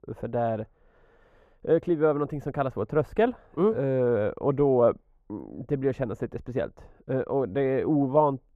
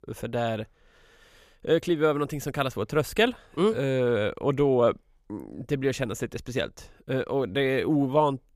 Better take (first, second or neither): second